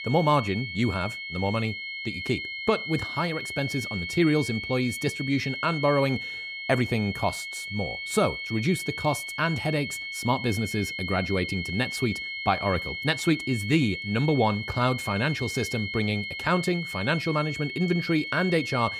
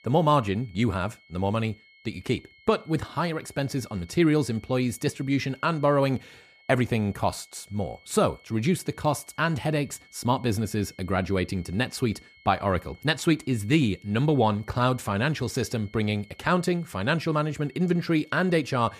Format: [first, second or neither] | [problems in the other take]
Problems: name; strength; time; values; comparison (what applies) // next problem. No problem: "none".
second | high-pitched whine; loud; throughout; 2 kHz, 5 dB below the speech; faint in the second